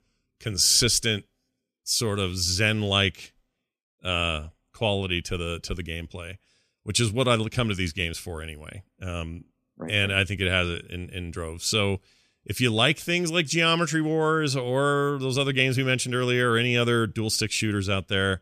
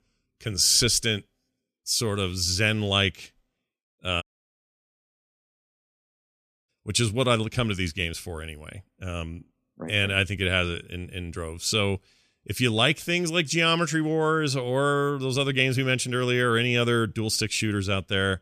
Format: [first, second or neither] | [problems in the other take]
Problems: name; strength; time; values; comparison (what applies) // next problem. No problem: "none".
first | audio cutting out; at 4 s for 2.5 s